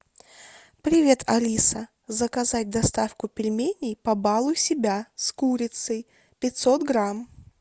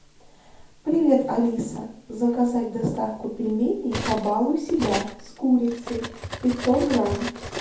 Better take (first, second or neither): first